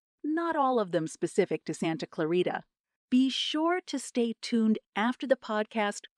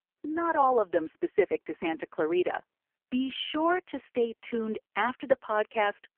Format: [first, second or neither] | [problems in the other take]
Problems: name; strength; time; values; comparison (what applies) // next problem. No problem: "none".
first | phone-call audio; poor line; nothing above 3 kHz